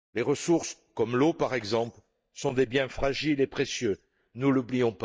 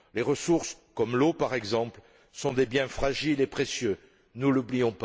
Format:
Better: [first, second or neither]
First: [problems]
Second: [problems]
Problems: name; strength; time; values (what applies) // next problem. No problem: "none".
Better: second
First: noise reduction (neural mask model DeepFilterNet 3)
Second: none